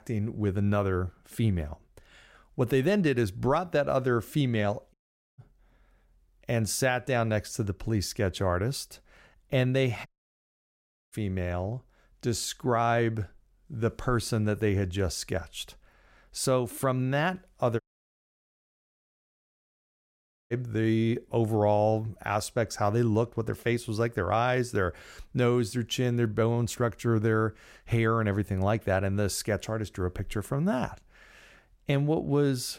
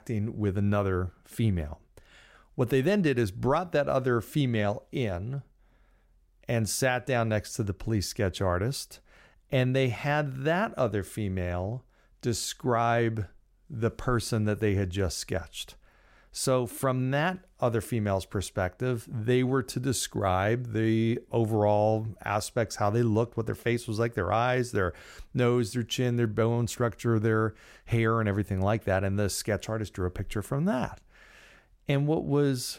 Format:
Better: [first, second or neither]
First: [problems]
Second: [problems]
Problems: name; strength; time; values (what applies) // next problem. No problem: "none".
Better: second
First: audio cutting out; at 5 s, at 10 s for 1 s and at 18 s for 2.5 s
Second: none